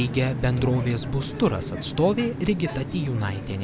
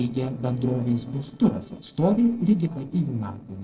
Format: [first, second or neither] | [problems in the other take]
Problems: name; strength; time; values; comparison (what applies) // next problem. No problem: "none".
first | noise reduction (neural separator model SepFormer DNS4)